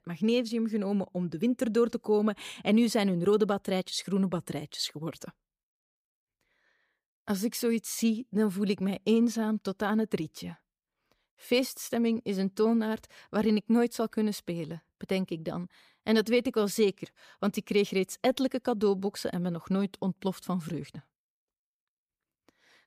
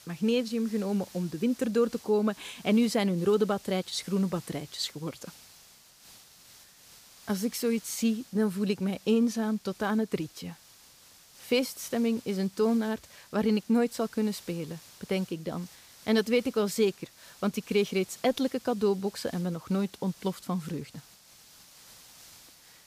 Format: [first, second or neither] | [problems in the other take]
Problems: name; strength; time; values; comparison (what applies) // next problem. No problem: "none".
first | hiss; faint; throughout; 20 dB below the speech